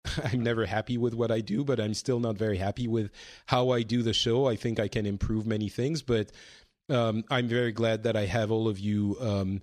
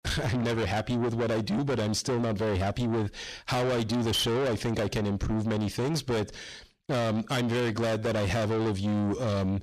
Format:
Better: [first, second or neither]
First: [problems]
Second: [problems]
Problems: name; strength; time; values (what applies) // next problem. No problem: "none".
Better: first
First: none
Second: distortion; heavy; 6 dB below the speech